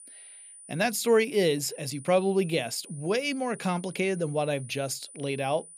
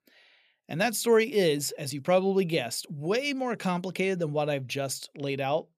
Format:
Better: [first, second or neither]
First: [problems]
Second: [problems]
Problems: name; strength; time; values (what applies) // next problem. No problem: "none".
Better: second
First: high-pitched whine; noticeable; throughout; 9.5 kHz, 20 dB below the speech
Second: none